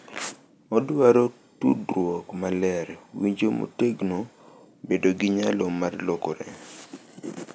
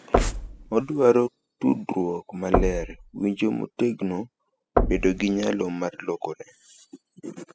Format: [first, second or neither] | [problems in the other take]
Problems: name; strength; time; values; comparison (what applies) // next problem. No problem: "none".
first | noise reduction (classical method spectral subtraction)